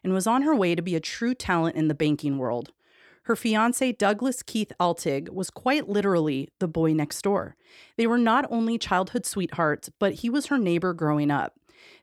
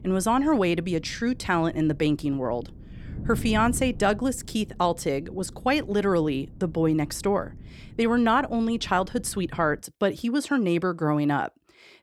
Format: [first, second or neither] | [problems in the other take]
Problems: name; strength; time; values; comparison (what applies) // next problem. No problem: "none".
first | wind noise on the microphone; occasional gusts; until 10 s; 25 dB below the speech